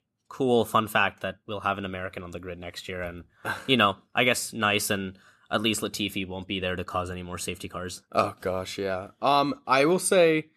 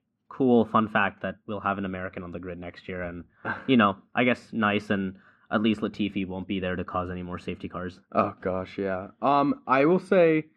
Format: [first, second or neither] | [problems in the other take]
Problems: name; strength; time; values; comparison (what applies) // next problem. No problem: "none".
first | muffled; very; fading above 2 kHz